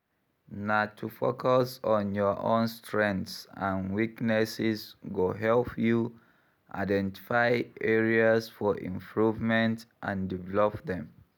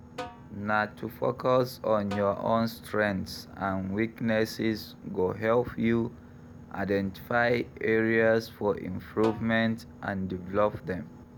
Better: first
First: none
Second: background sound (Snare drum + Boat, Water vehicle); 17 dB below the speech

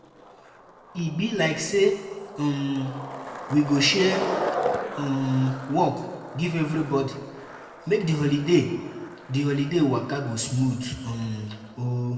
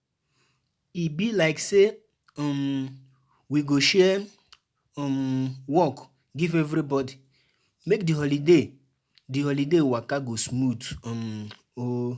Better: second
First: background sound (Skateboard); 10 dB below the speech // room echo; dies away in 1.2 s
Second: none

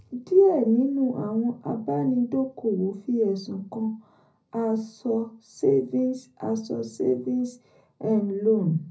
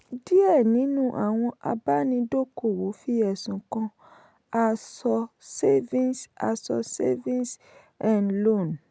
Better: second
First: room echo; dies away in 0.4 s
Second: none

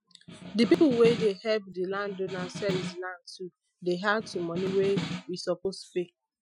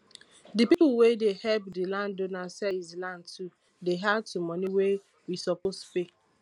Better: second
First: noise reduction (classical method Wiener filter)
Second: none

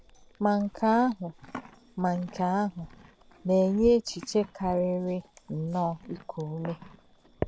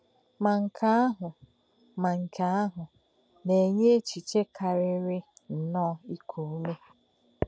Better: second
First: background sound (Livestock, farm animals, working animals); 20 dB below the speech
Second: none

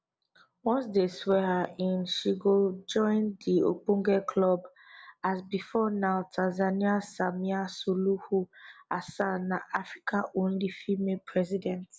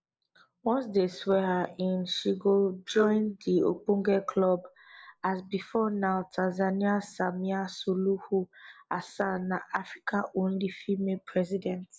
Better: first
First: none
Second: noise reduction (neural mask model Resemble Enhance denoiser)

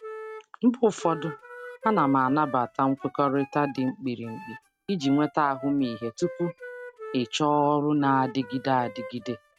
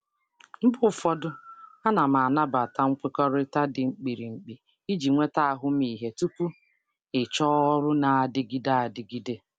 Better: second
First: noise reduction (neural mask model RNNoise)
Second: none

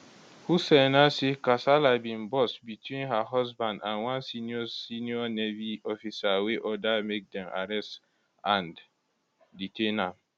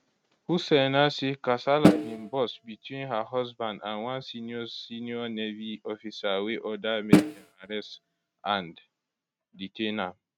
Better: first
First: none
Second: noise reduction (neural mask model RNNoise)

